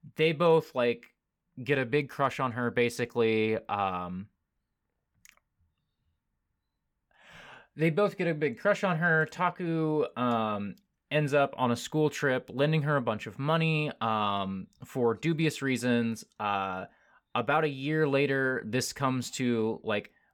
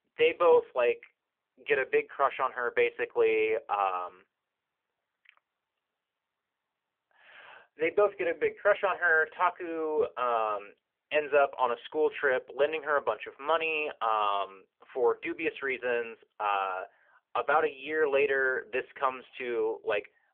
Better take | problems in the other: first | phone-call audio

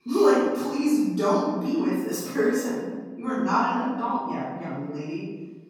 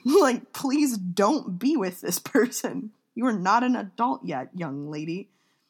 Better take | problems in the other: second | off-mic speech; far // room echo; strong; dies away in 1.2 s

